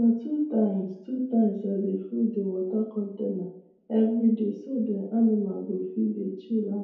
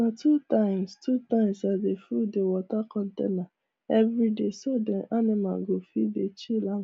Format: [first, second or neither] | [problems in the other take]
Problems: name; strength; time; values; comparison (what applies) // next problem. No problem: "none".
second | room echo; dies away in 2 s